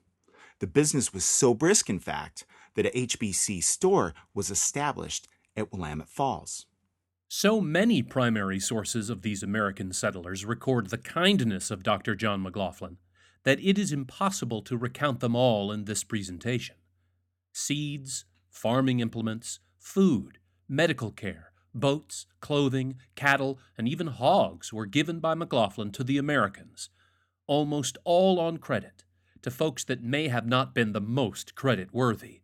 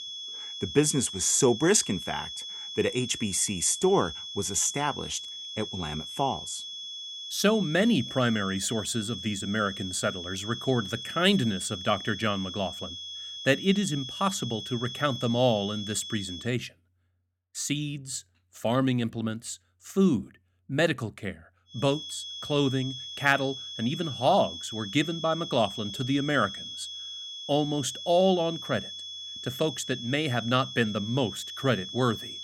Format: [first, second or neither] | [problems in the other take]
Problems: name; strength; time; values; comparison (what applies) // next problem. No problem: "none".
first | high-pitched whine; loud; until 16 s and from 22 s on; 3.5 kHz, 8 dB below the speech